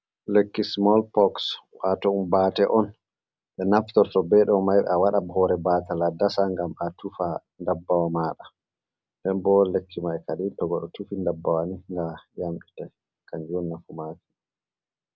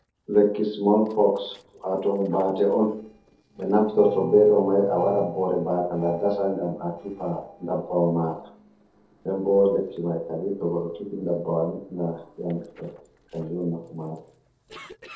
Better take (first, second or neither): first